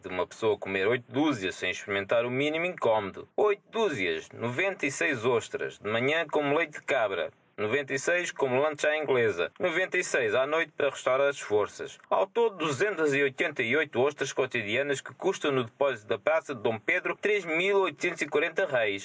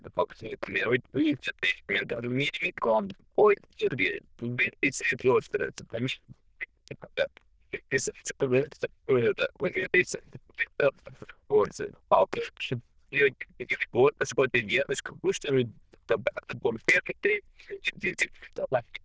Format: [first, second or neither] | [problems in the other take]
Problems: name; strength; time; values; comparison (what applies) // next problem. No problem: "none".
first | noise reduction (neural diffusion model UNIVERSE++)